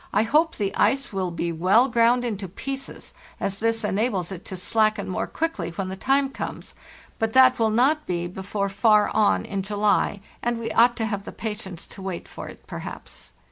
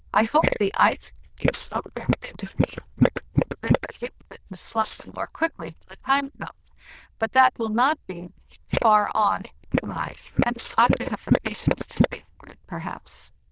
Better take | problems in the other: first | noise reduction (neural diffusion model UNIVERSE++)

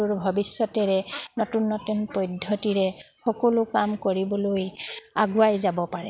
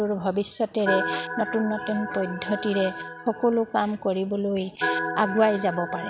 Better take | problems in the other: first | background sound (Organ); 7 dB below the speech

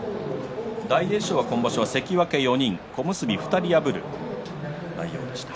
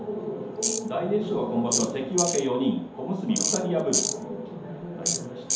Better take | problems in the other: first | background sound (Tools); 3 dB below the speech // room echo; dies away in 2.2 s

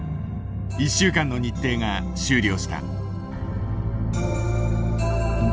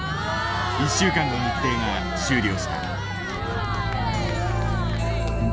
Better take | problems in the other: first | background sound (Crowd); 4 dB below the speech

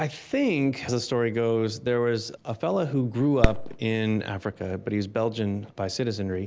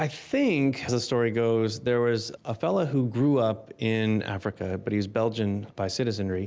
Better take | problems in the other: second | background sound (Fireworks); 7 dB below the speech

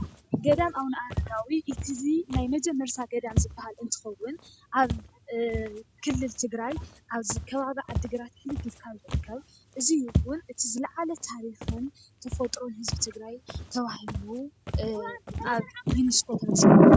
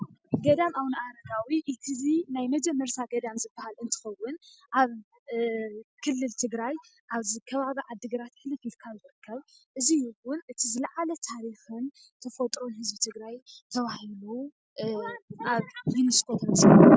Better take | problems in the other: second | background sound (Walk, footsteps); 8 dB below the speech

